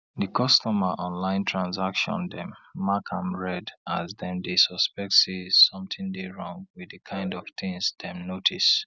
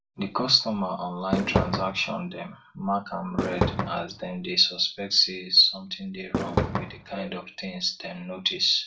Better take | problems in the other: first | background sound (Fireworks); 2 dB below the speech // room echo; dies away in 0.2 s

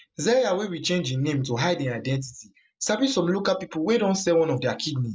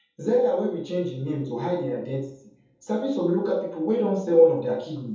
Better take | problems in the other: first | room echo; dies away in 0.7 s

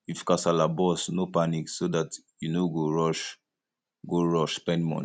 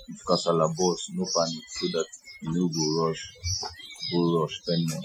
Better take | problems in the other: first | noise reduction (classical method Wiener filter)

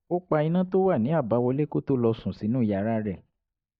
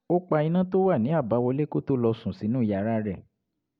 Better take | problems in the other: second | noise reduction (neural mask model DeepFilterNet 3)

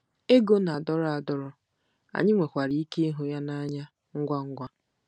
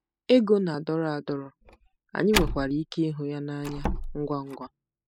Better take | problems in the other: first | noise reduction (classical method spectral subtraction)

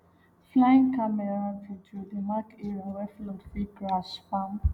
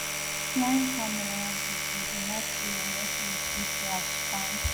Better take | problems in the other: first | background sound (Domestic sounds, home sounds); 3 dB above the speech

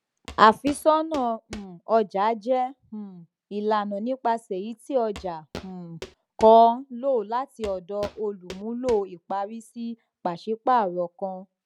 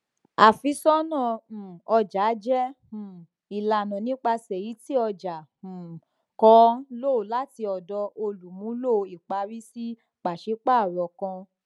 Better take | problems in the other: second | background sound (Walk, footsteps); 18 dB below the speech

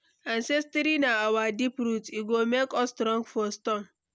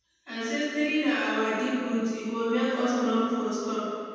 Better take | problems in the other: first | room echo; dies away in 2 s

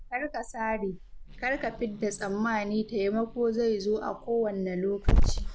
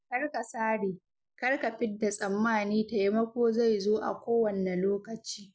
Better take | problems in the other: second | background sound (Growling / Hiss); 1 dB below the speech

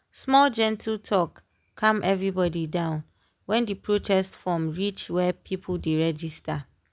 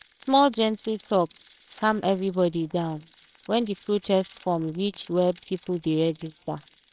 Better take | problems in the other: first | noise reduction (neural separator model SepFormer WHAMR!)

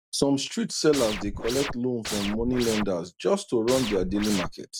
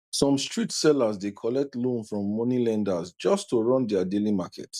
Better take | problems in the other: second | background sound (Scratching (performance technique)); 6 dB below the speech

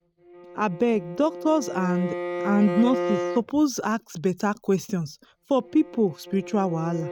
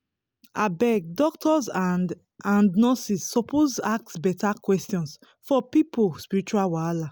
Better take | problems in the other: second | noise reduction (neural mask model RNNoise)

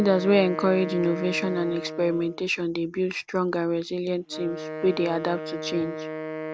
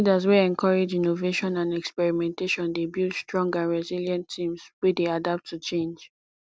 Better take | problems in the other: second | background sound (Wind instrument, woodwind instrument); 10 dB below the speech

